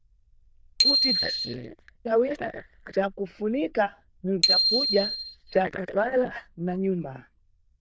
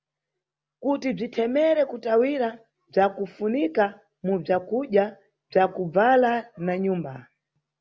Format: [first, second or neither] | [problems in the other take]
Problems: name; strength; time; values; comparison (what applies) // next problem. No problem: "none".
second | noise reduction (neural diffusion model UNIVERSE++)